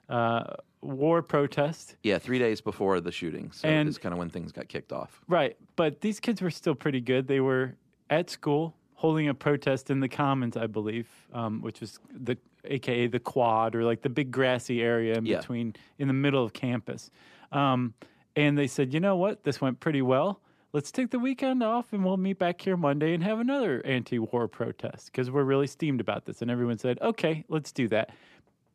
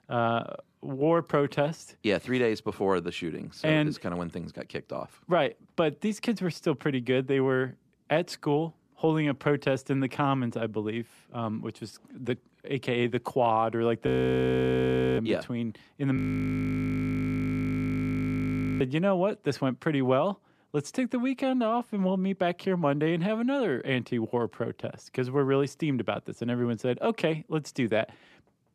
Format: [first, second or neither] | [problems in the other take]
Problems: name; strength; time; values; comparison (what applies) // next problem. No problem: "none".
first | audio freezing; at 14 s for 1 s and at 16 s for 2.5 s